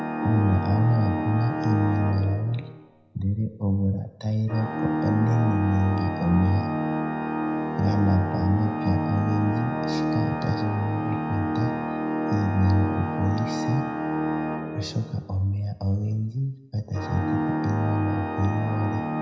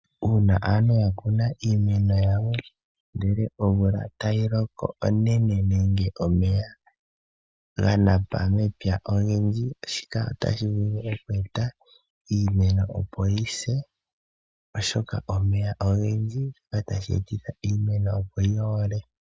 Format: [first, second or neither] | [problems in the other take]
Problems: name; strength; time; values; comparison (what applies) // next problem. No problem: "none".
second | background sound (Organ); 3 dB below the speech // room echo; dies away in 0.7 s